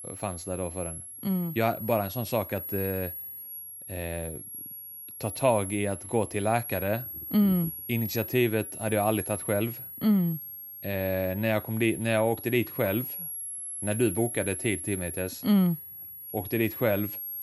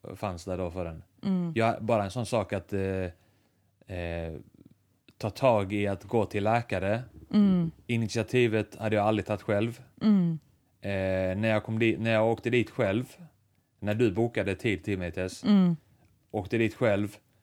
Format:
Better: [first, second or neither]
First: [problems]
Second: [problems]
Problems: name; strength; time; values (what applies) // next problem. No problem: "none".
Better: second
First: high-pitched whine; loud; throughout; 11 kHz, 8 dB below the speech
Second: none